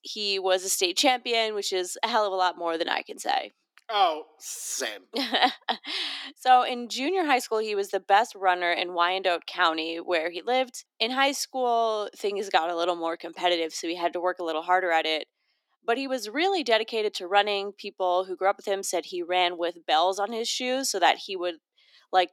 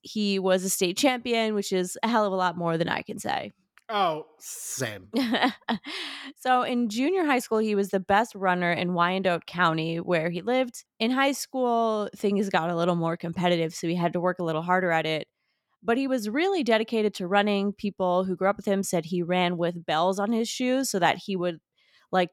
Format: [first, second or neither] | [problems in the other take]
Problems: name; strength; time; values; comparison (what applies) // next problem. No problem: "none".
second | thin; somewhat; fading below 300 Hz